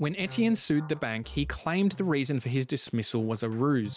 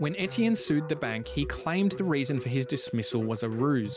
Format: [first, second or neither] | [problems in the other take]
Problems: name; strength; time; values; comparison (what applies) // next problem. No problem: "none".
first | background sound (Keyboard (musical)); 13 dB below the speech